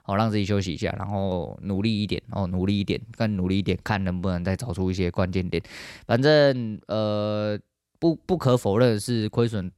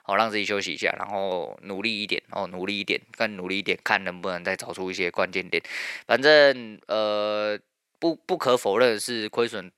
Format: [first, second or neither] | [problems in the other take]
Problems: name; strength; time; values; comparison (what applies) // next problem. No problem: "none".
first | thin; somewhat; fading below 450 Hz